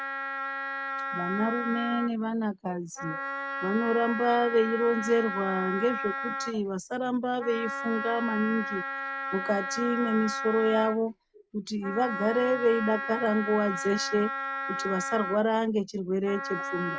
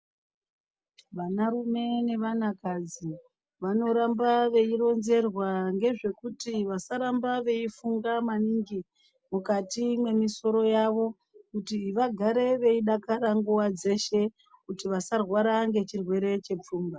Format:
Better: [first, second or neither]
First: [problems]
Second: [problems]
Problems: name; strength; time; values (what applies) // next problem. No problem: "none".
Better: second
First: background sound (Wind instrument, woodwind instrument); 6 dB below the speech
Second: none